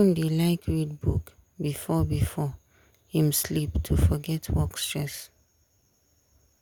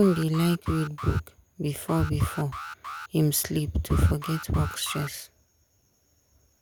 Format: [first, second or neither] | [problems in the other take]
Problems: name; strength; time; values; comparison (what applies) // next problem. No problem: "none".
first | background sound (Alarm); 13 dB below the speech